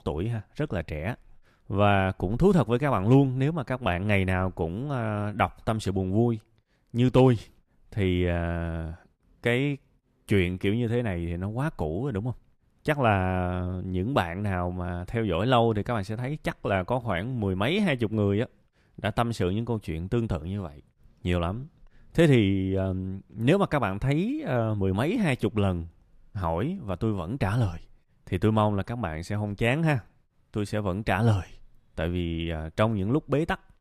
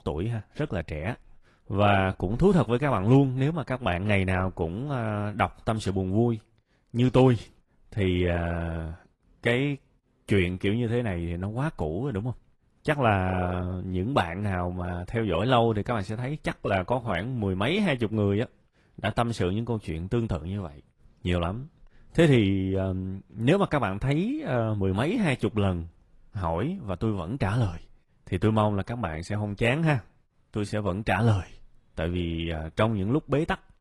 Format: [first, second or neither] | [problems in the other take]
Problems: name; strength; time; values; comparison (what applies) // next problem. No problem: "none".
first | garbled, watery; slightly; nothing above 11 kHz